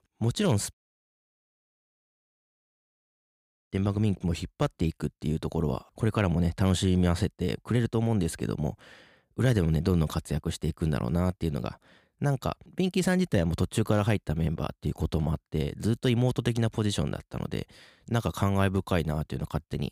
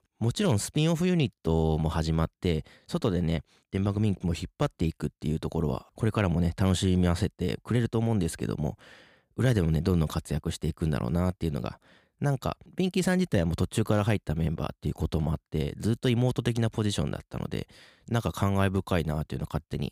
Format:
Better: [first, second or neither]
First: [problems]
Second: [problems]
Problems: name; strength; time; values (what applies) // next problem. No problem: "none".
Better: second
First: audio cutting out; at 0.5 s for 3 s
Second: none